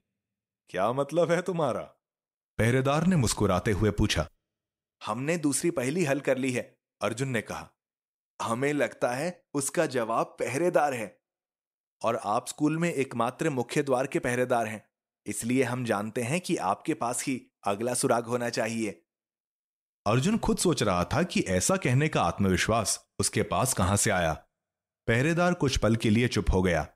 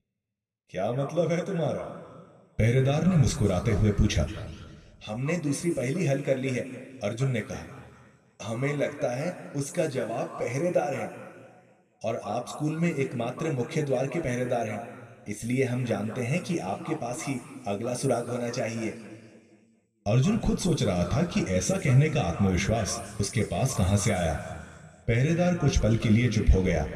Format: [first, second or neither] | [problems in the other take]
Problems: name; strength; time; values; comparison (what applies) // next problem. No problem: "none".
first | room echo; slight; dies away in 1.8 s